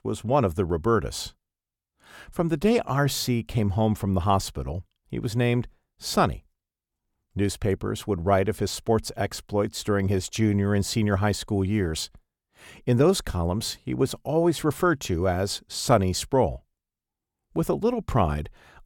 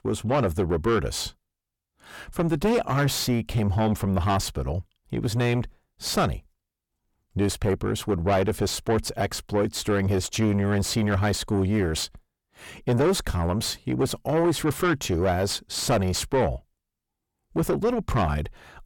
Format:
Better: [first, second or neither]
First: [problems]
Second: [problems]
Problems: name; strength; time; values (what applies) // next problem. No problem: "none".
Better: first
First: none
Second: distortion; heavy; 6 dB below the speech